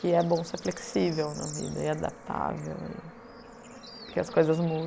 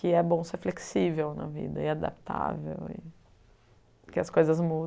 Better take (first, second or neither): second